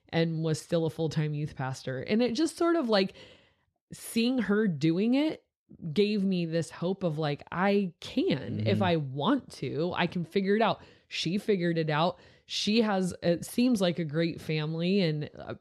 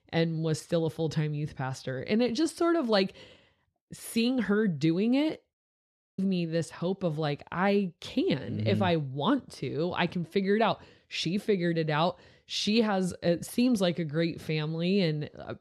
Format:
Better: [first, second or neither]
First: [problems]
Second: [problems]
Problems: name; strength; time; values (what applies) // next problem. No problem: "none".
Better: first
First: none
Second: audio cutting out; at 5.5 s for 0.5 s